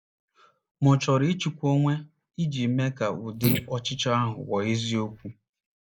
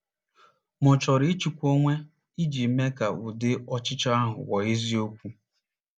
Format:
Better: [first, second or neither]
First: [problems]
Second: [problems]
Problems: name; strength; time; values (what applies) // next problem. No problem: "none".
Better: second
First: noise reduction (neural mask model Resemble Enhance denoiser)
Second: none